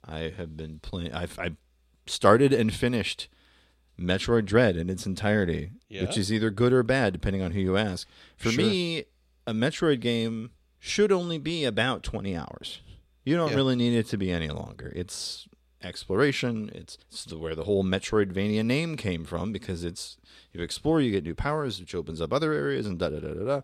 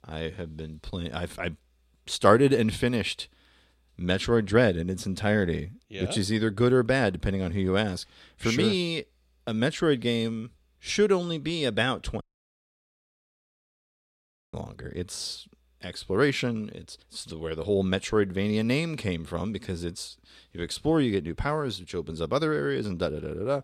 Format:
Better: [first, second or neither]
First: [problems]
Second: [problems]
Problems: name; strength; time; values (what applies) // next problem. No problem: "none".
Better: first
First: none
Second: audio cutting out; at 12 s for 2.5 s